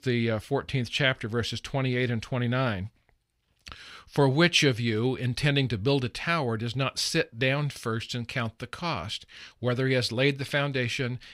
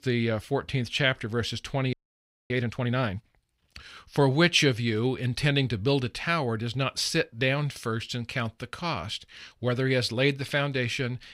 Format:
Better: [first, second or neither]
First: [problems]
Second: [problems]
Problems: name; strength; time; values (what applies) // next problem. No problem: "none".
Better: first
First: none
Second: audio freezing; at 2 s for 0.5 s